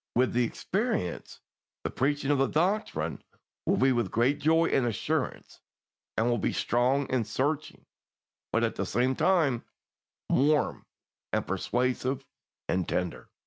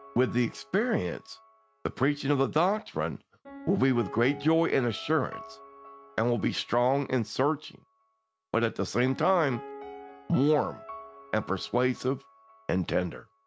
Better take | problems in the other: first | background sound (Piano); 19 dB below the speech

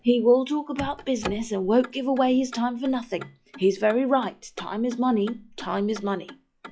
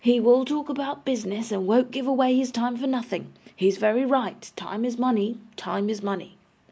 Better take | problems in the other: second | noise reduction (classical method log-MMSE)

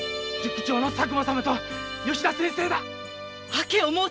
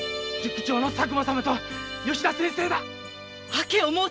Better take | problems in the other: second | background sound (Trumpet); 15 dB below the speech

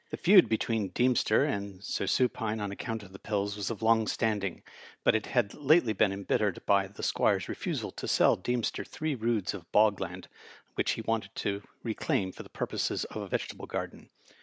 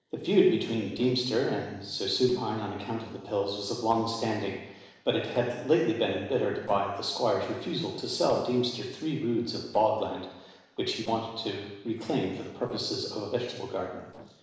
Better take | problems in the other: first | noise reduction (neural separator model SepFormer DNS4)

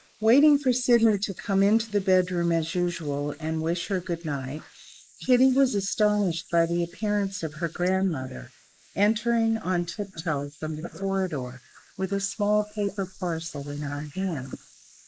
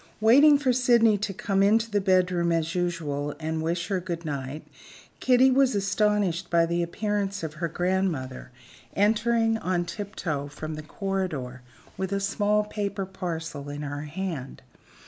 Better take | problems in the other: second | noise reduction (neural mask model Resemble Enhance denoiser)

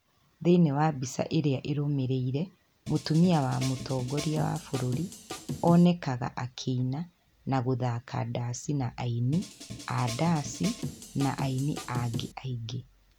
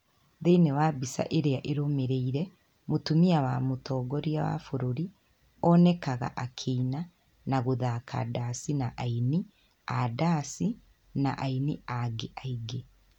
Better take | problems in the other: second | background sound (Drum kit); 10 dB below the speech

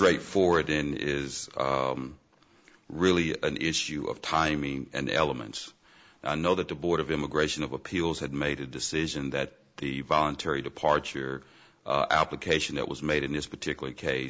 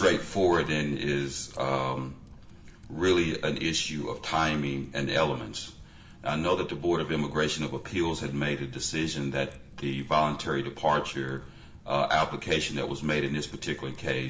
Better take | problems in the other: first | background sound (Typing); 18 dB below the speech // room echo; dies away in 0.6 s

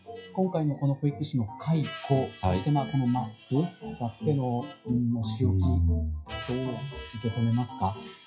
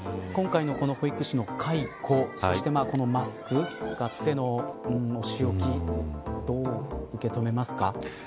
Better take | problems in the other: second | noise reduction (classical method WPE with log-MMSE)

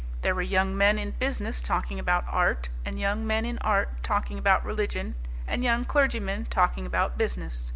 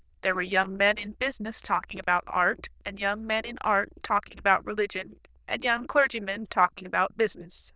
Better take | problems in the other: first | noise reduction (neural diffusion model UNIVERSE++)

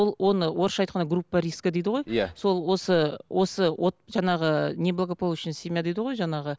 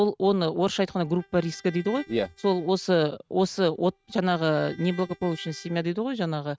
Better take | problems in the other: first | noise reduction (neural mask model RNNoise)

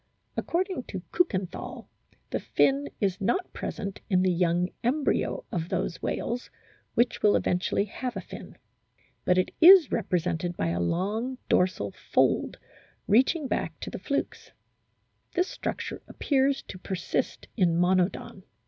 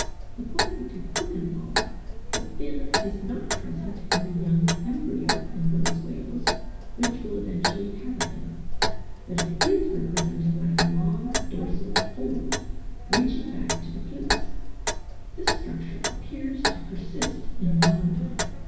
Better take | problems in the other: first | background sound (Clock); 2 dB above the speech // room echo; dies away in 1.2 s

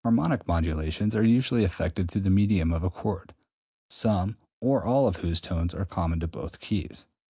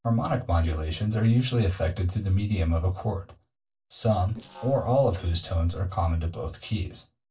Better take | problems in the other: first | noise reduction (neural separator model SepFormer DNS4)

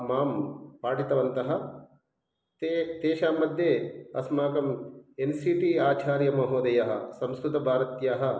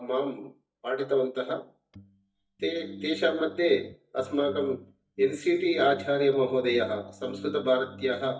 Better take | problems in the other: first | noise reduction (neural mask model DeepFilterNet 3)

